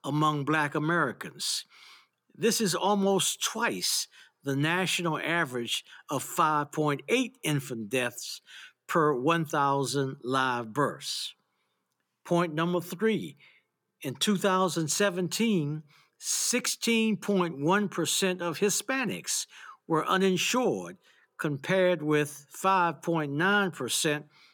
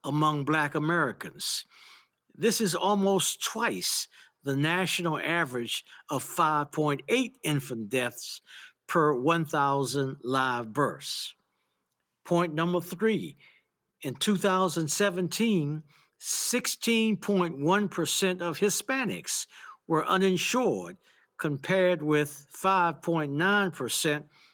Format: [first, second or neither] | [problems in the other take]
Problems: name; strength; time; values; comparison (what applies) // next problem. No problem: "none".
first | garbled, watery; slightly; nothing above 18 kHz